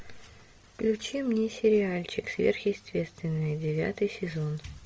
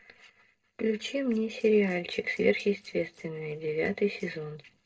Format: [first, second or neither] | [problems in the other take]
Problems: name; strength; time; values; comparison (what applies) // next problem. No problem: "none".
first | noise reduction (neural separator model SepFormer DNS4)